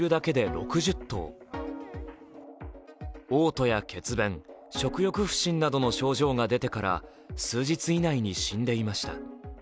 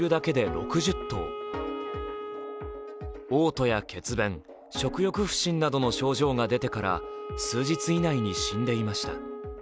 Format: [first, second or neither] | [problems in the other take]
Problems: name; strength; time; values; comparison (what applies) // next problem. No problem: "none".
first | background sound (Wind instrument, woodwind instrument); 10 dB below the speech